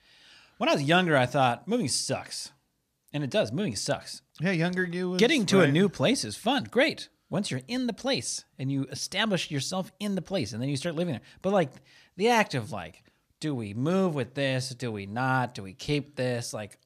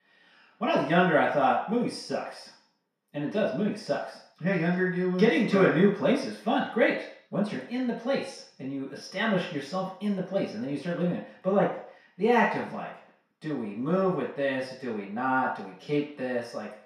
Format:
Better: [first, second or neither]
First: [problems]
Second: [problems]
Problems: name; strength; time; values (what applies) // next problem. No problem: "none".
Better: first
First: none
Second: room echo; noticeable; dies away in 0.6 s // off-mic speech; far